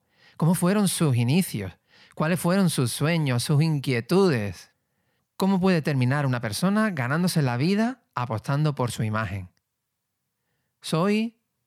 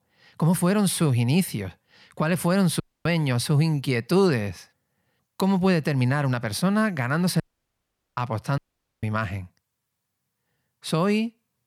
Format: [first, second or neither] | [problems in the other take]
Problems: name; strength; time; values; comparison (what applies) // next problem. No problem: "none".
first | audio cutting out; at 3 s, at 7.5 s for 1 s and at 8.5 s